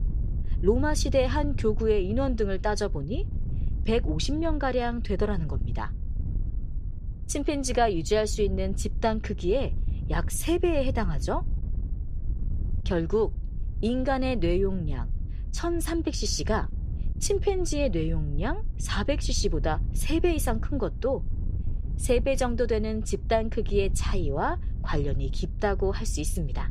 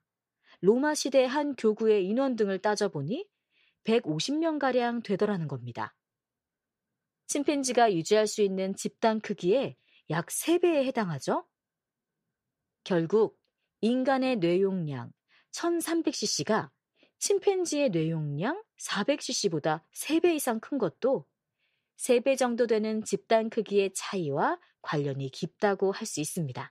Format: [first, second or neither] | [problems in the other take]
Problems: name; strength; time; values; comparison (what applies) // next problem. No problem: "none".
second | wind noise on the microphone; occasional gusts; 20 dB below the speech